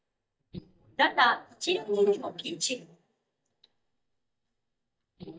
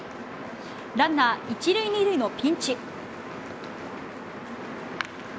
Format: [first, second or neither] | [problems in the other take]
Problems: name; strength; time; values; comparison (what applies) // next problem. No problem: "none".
second | noise reduction (neural mask model DeepFilterNet 3)